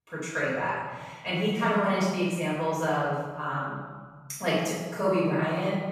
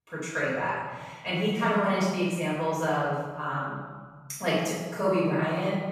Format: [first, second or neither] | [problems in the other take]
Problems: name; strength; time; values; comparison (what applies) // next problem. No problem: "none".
neither | off-mic speech; far; the same in both // room echo; strong; dies away in 1.5 s; the same in both